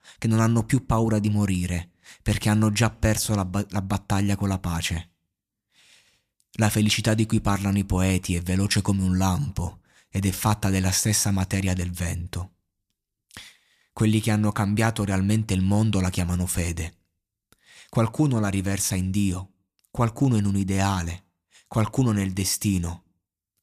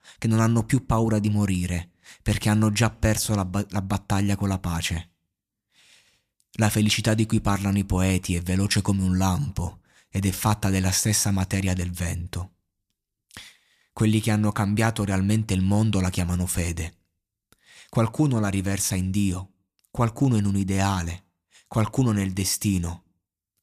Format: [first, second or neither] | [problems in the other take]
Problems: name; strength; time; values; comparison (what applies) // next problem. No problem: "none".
neither | none